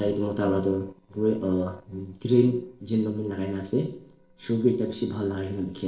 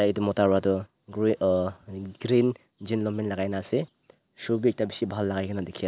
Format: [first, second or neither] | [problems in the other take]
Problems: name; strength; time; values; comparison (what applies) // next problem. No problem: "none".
second | noise reduction (neural separator model SepFormer DNS4)